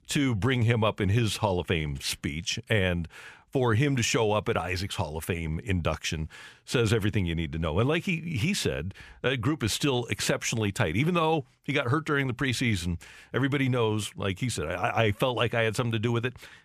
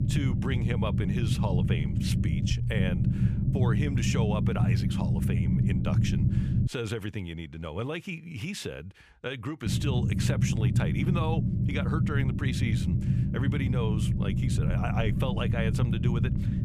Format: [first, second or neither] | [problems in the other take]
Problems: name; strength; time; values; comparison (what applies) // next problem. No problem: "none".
first | low rumble; loud; until 6.5 s and from 9.5 s on; 2 dB below the speech